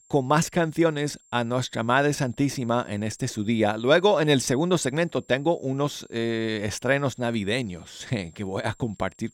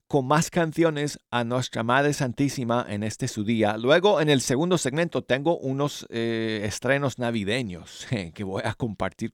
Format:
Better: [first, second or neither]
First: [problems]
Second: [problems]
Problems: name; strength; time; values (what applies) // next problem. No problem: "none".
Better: second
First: high-pitched whine; faint; throughout; 7.5 kHz, 30 dB below the speech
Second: none